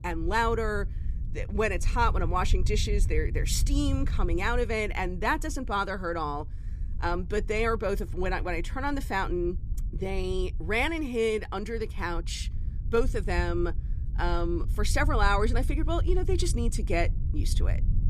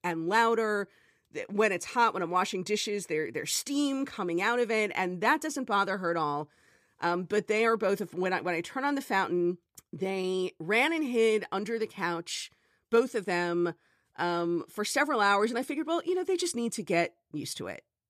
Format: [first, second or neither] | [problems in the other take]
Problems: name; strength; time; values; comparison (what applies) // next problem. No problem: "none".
second | low rumble; faint; throughout; 20 dB below the speech